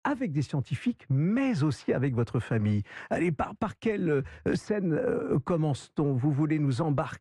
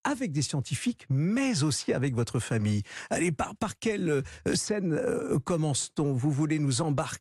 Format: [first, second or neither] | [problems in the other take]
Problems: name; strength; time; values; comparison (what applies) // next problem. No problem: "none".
second | muffled; very; fading above 4 kHz